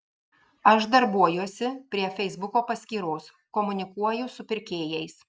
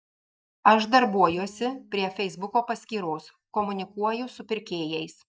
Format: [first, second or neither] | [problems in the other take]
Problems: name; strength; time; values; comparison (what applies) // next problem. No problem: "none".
first | noise reduction (neural mask model DeepFilterNet 3)